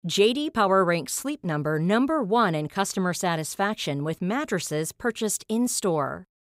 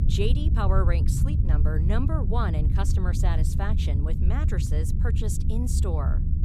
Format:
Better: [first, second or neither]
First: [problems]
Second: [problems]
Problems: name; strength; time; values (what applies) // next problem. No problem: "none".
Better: first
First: none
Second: low rumble; loud; throughout; 5 dB below the speech